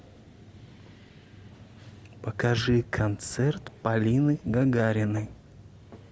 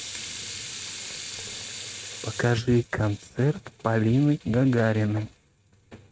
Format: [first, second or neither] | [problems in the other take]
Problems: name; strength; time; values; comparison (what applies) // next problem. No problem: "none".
first | noise reduction (neural mask model RNNoise)